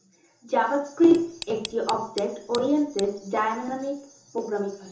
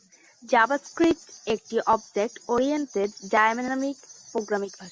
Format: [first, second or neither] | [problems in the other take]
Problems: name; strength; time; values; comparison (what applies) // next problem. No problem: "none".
second | background sound (Tick); 16 dB below the speech // room echo; dies away in 0.6 s